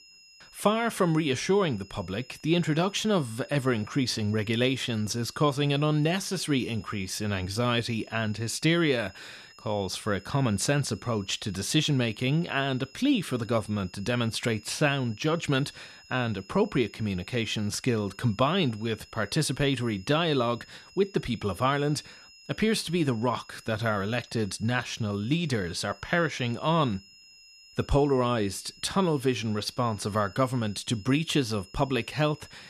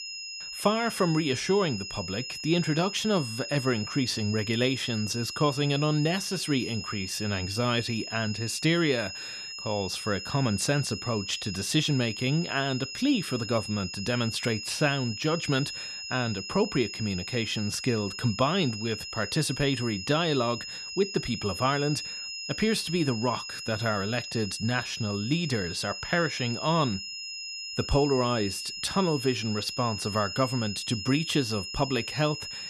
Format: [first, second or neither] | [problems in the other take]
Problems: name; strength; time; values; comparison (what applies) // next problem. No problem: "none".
first | high-pitched whine; loud; throughout; 5 kHz, 7 dB below the speech; faint in the first